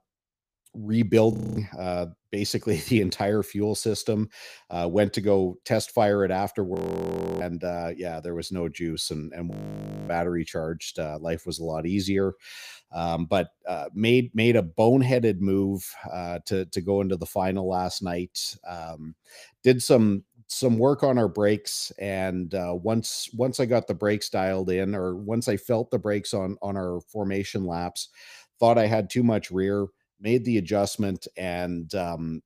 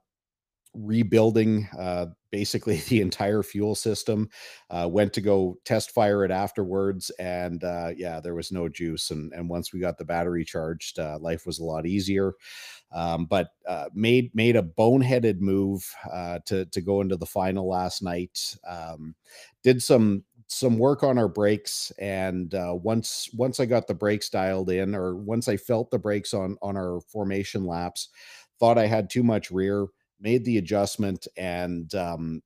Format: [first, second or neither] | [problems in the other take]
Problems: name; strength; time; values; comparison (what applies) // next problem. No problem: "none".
second | audio freezing; at 1.5 s, at 7 s for 0.5 s and at 9.5 s for 0.5 s